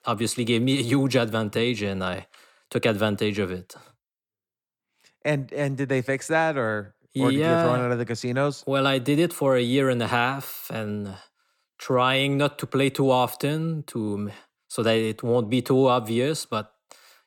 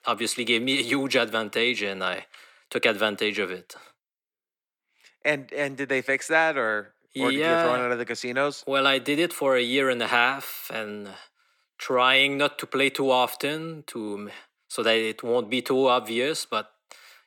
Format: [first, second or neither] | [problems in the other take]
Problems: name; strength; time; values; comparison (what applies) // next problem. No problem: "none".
first | thin; very slightly; fading below 300 Hz